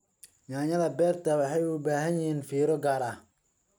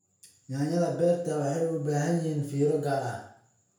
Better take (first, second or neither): first